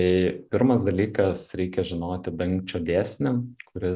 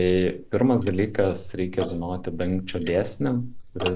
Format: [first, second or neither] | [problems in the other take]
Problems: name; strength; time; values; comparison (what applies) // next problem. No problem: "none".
first | noise reduction (neural mask model Resemble Enhance denoiser)